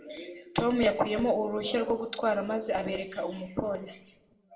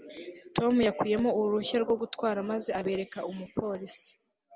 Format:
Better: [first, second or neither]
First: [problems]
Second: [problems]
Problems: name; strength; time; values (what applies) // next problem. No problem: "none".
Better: second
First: room echo; dies away in 0.5 s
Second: none